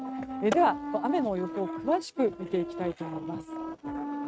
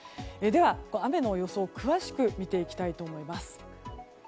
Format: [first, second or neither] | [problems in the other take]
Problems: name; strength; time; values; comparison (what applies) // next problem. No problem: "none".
second | noise reduction (neural mask model RNNoise)